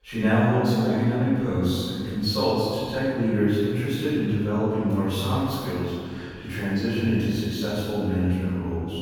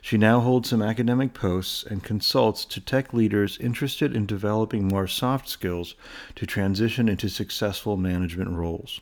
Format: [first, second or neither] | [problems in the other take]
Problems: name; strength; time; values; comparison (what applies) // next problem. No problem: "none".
second | room echo; strong; dies away in 1.9 s // off-mic speech; far